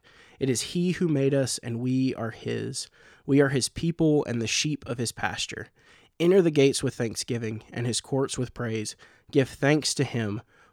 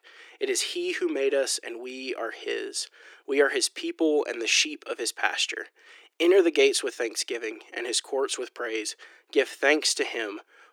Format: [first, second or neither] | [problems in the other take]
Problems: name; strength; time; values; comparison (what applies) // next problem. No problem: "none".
first | thin; very; fading below 350 Hz